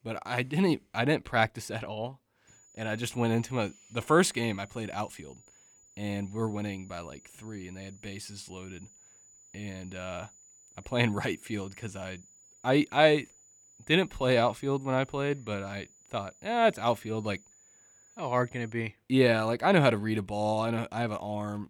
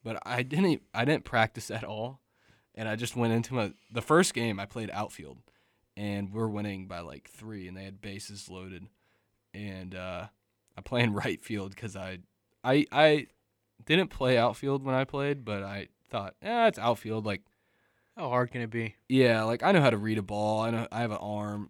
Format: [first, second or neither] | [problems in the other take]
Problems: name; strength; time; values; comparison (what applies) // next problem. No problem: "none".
second | high-pitched whine; faint; from 2.5 to 19 s; 7 kHz, 25 dB below the speech